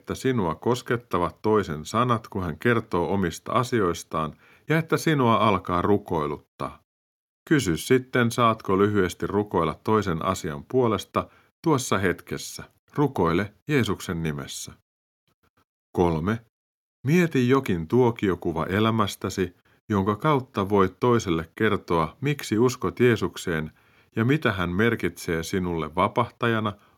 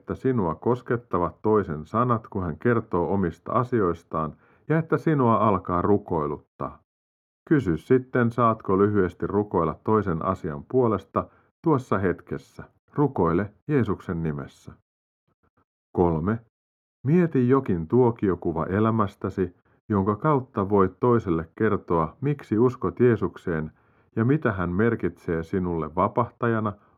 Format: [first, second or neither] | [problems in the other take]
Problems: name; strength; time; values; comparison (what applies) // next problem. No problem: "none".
first | muffled; very; fading above 2 kHz